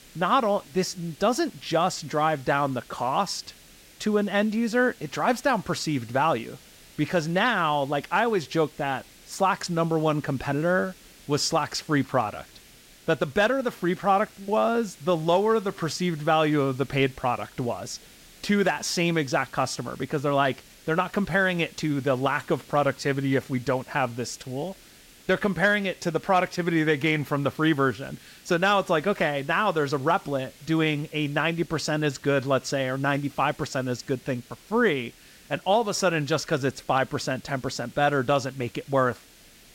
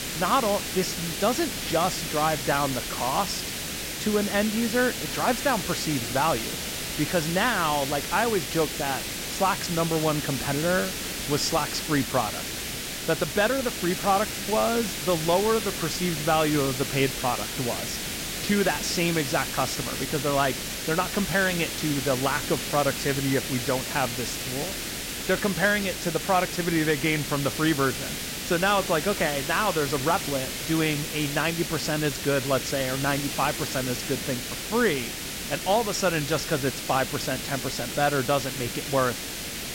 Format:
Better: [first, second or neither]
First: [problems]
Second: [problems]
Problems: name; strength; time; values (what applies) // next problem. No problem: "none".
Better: first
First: hiss; faint; throughout; 25 dB below the speech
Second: hiss; loud; throughout; 4 dB below the speech